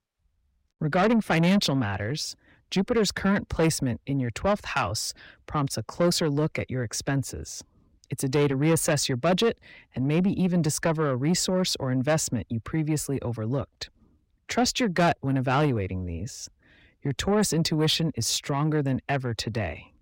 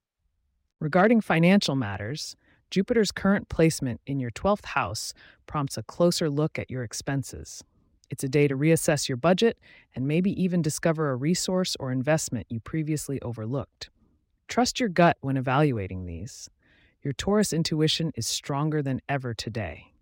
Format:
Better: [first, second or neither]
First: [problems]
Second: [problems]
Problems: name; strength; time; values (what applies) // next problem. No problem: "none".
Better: second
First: distortion; slight; 10 dB below the speech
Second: none